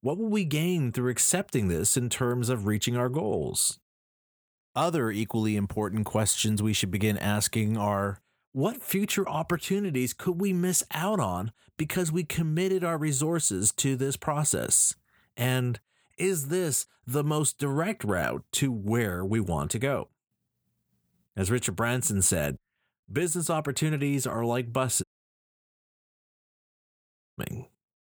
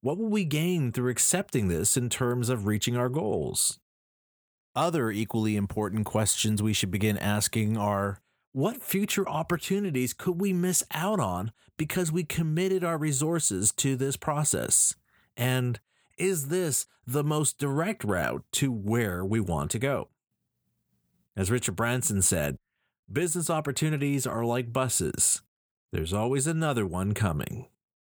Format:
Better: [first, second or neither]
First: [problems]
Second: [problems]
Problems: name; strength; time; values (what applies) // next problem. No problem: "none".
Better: second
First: audio cutting out; at 25 s for 2.5 s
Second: none